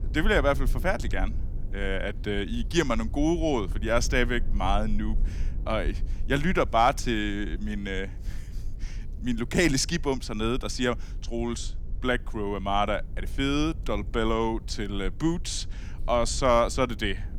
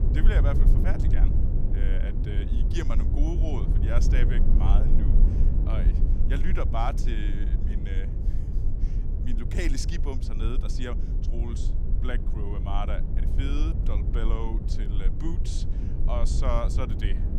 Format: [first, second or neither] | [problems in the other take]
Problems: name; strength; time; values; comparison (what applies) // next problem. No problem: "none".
first | low rumble; loud; throughout; 5 dB below the speech; faint in the first